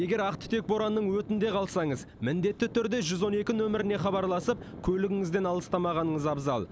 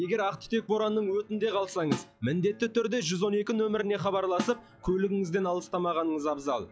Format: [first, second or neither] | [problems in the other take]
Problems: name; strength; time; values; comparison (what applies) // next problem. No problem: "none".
first | noise reduction (classical method log-MMSE)